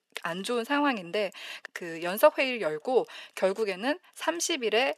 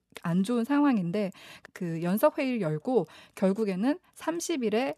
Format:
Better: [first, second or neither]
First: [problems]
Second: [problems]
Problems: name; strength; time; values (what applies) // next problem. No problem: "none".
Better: second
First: thin; somewhat; fading below 500 Hz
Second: none